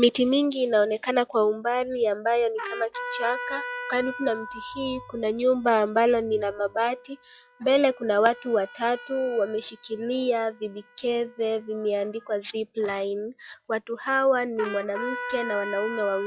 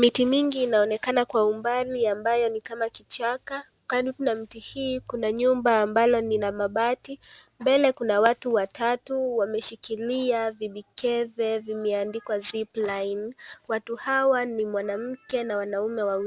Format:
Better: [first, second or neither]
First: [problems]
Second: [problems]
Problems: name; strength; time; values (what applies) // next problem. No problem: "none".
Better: second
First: noise reduction (classical method log-MMSE)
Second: none